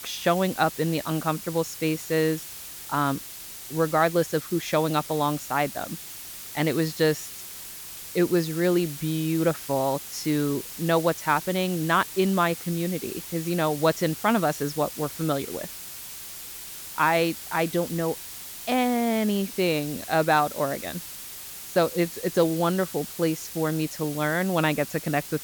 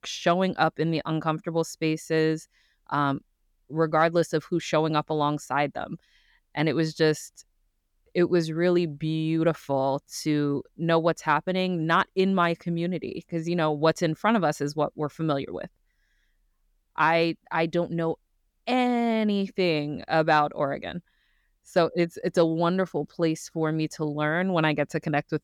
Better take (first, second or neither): second